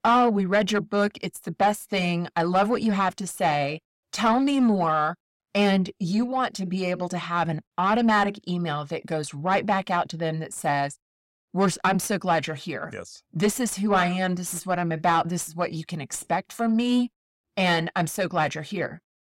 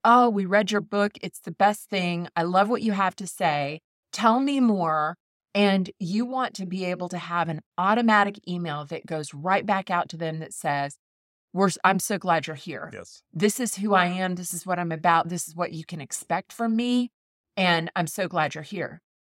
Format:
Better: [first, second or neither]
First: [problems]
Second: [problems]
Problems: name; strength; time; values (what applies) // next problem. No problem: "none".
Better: second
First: distortion; slight; 10 dB below the speech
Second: none